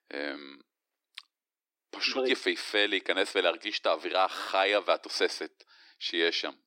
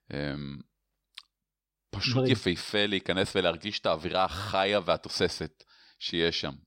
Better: second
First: thin; somewhat; fading below 300 Hz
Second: none

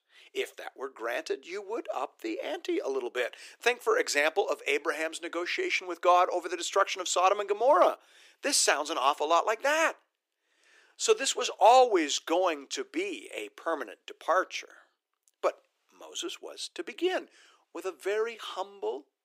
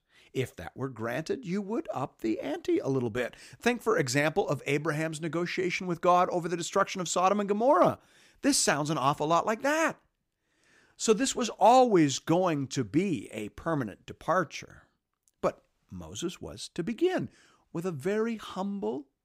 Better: second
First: thin; very; fading below 350 Hz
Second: none

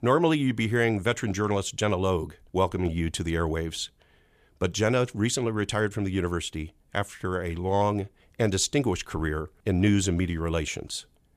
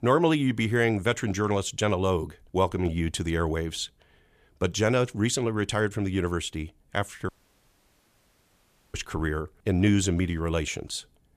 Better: first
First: none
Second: audio cutting out; at 7.5 s for 1.5 s

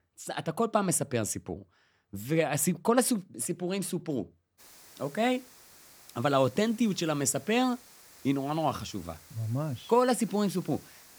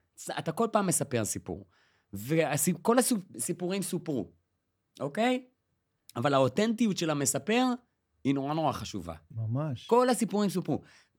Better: second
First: hiss; faint; from 4.5 s on; 20 dB below the speech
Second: none

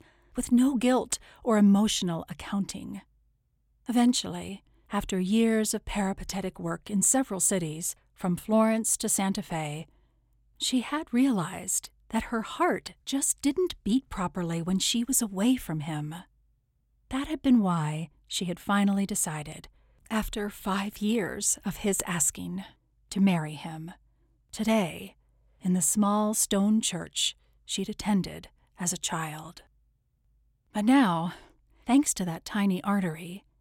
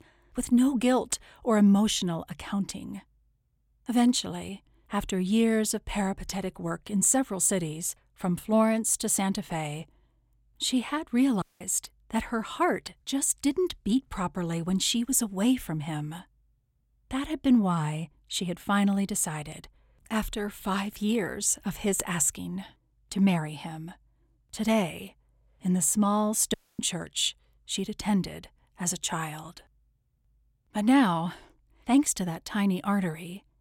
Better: first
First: none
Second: audio cutting out; at 11 s and at 27 s

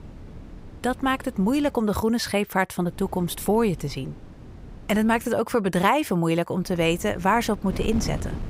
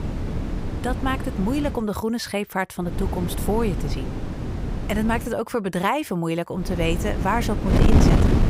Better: first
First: wind noise on the microphone; occasional gusts; until 2 s, from 3 to 5.5 s and from 6.5 s on; 20 dB below the speech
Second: wind noise on the microphone; heavy; until 2 s, from 3 to 5.5 s and from 6.5 s on; 5 dB below the speech

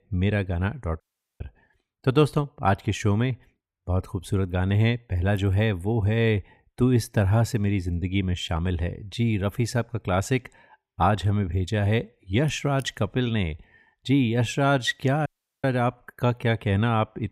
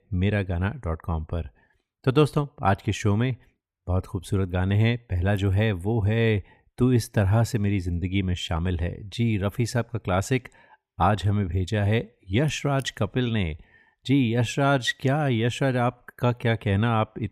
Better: second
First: audio cutting out; at 1 s and at 15 s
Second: none

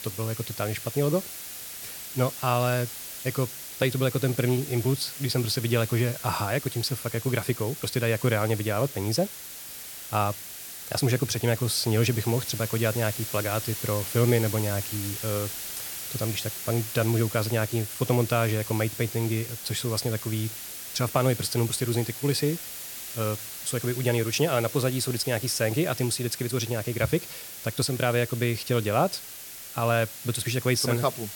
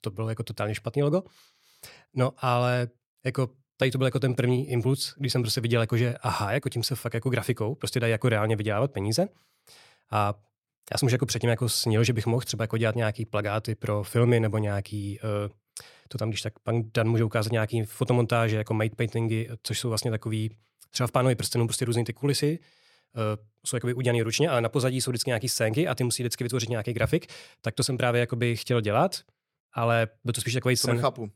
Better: second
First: hiss; loud; throughout; 8 dB below the speech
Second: none

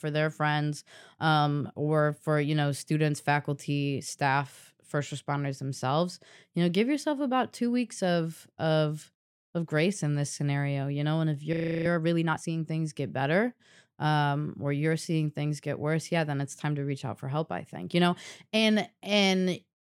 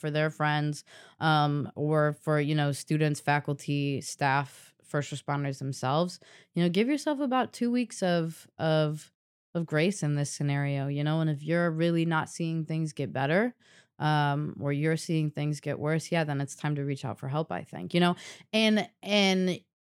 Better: second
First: audio freezing; at 12 s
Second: none

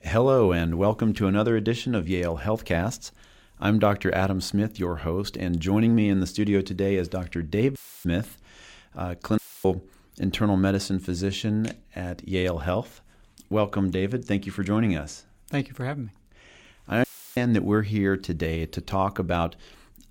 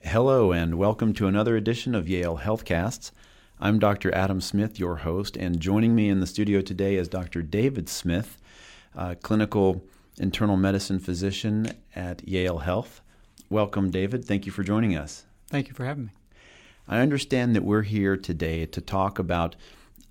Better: second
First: audio cutting out; filled with static; at 8 s, at 9.5 s and at 17 s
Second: none

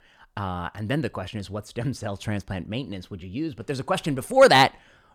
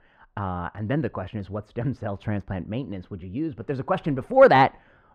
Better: first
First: none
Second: muffled; very; fading above 3.5 kHz

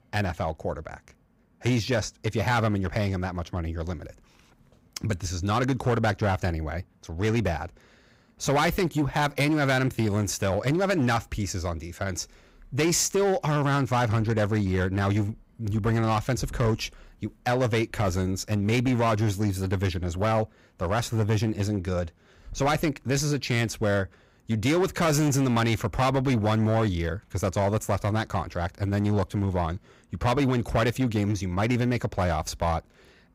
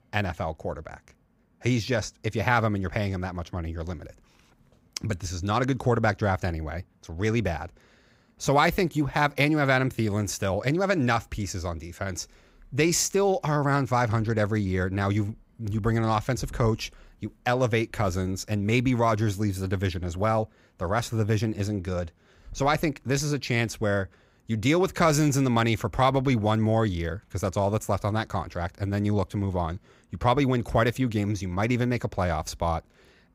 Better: second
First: distortion; slight; 8% of the sound clipped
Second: none

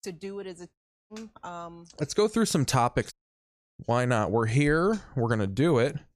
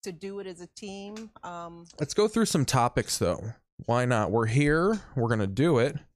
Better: second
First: audio cutting out; at 1 s and at 3 s for 0.5 s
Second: none

